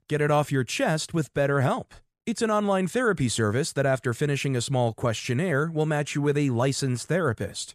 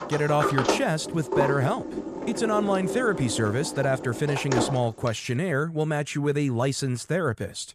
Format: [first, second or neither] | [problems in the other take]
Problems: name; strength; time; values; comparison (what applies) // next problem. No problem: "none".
first | door banging; loud; until 5 s; peak 2 dB above the speech